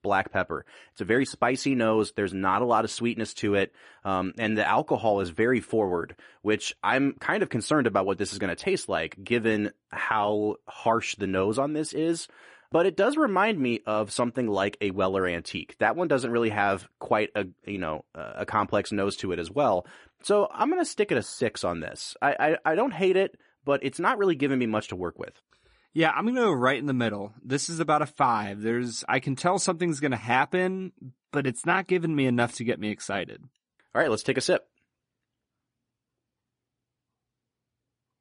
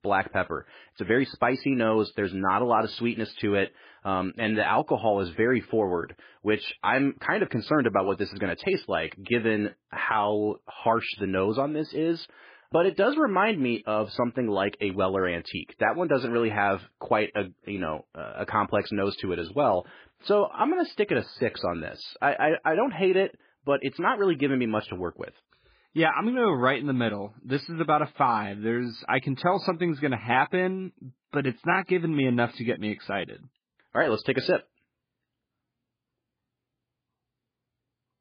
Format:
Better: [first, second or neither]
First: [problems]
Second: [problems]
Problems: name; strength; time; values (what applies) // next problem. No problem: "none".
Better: first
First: garbled, watery; slightly; nothing above 10.5 kHz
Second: garbled, watery; badly